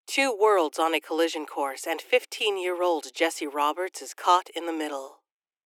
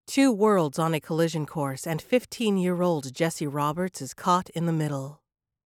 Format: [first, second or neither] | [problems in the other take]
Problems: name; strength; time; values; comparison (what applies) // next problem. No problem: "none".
second | thin; very; fading below 300 Hz